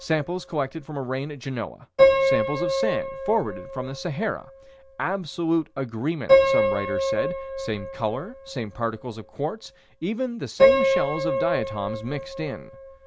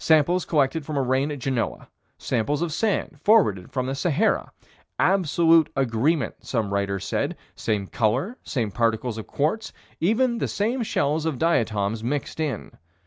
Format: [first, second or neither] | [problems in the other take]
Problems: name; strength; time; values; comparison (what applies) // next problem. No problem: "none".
second | background sound (Piano); 3 dB above the speech